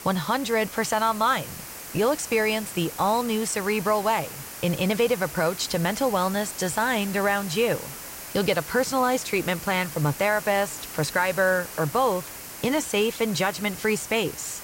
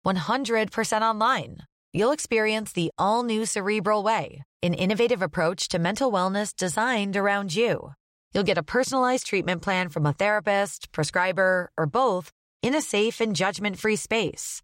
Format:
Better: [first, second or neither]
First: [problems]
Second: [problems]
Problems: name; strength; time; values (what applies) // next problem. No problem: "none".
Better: second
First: hiss; noticeable; throughout; 10 dB below the speech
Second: none